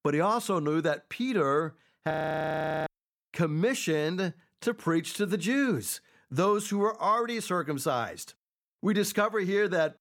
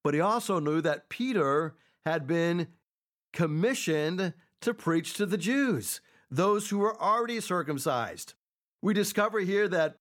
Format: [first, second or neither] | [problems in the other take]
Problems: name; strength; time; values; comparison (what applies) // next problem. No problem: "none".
second | audio freezing; at 2 s for 1 s